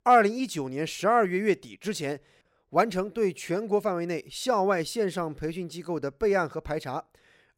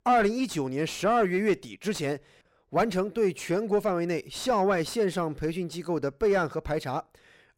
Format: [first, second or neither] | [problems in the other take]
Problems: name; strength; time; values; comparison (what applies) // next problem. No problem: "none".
first | distortion; slight; 10 dB below the speech